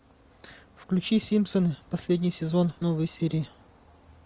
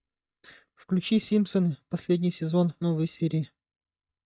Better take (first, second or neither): first